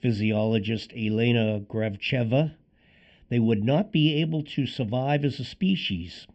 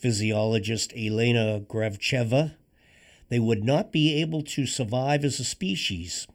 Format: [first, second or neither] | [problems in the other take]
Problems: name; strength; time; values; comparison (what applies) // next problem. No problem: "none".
second | muffled; slightly; fading above 3.5 kHz